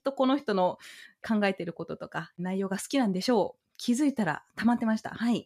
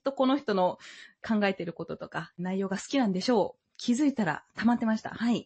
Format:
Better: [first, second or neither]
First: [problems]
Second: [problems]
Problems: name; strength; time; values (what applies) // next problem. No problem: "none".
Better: first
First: none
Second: garbled, watery; slightly; nothing above 8 kHz